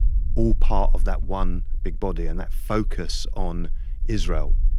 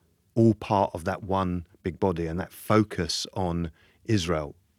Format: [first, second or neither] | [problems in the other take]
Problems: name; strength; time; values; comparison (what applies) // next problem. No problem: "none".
second | low rumble; faint; throughout; 25 dB below the speech